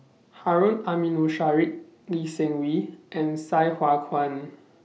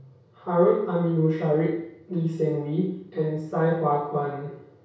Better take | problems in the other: first | room echo; dies away in 0.6 s

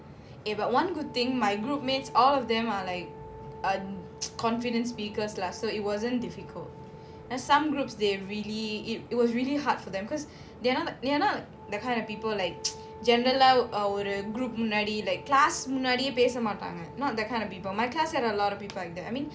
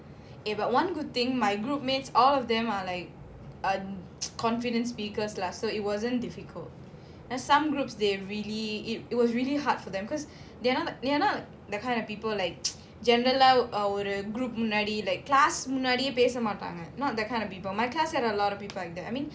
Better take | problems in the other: second | background sound (Wind instrument, woodwind instrument); 19 dB below the speech

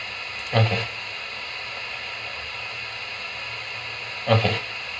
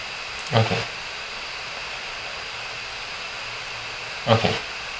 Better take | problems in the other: second | room echo; dies away in 0.2 s

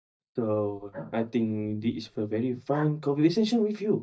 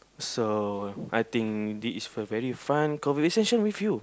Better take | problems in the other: second | noise reduction (neural mask model DeepFilterNet 3)

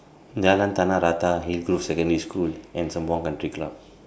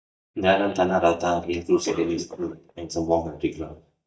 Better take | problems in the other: first | noise reduction (neural mask model DeepFilterNet 3)

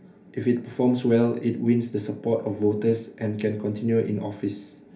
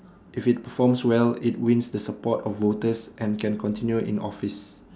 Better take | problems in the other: second | room echo; dies away in 0.3 s

